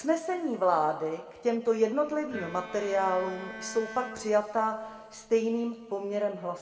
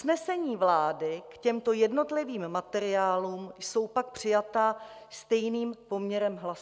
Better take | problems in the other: second | background sound (Bowed string instrument); 15 dB below the speech // room echo; dies away in 1.6 s

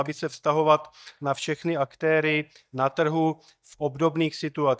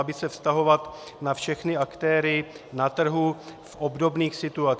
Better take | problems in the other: second | noise reduction (neural mask model DeepFilterNet 3)

